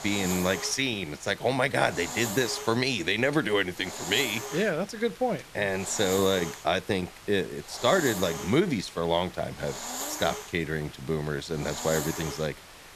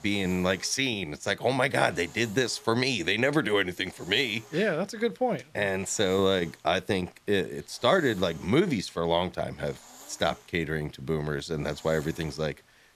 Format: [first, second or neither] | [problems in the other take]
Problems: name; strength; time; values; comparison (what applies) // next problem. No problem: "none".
second | hiss; loud; throughout; 10 dB below the speech; faint in the second